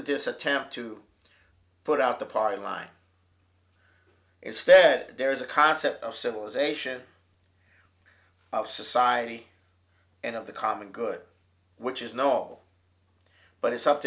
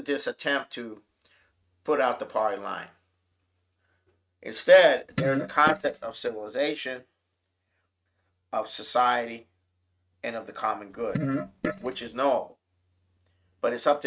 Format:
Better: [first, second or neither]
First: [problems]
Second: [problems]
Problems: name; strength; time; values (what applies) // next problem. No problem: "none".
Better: first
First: none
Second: noise reduction (neural mask model RNNoise)